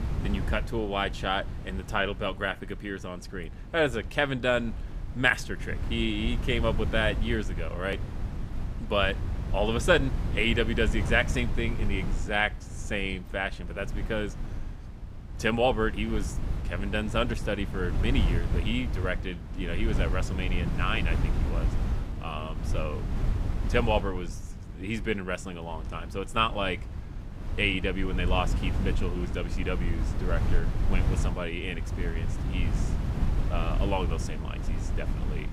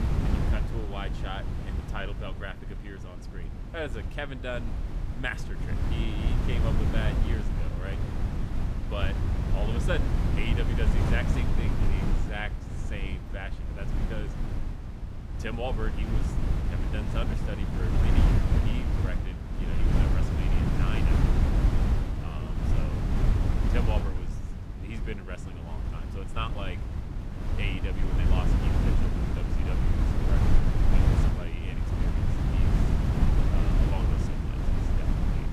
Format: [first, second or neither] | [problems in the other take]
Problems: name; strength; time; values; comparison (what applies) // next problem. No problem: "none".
first | wind noise on the microphone; heavy; as loud as the speech; occasional gusts in the first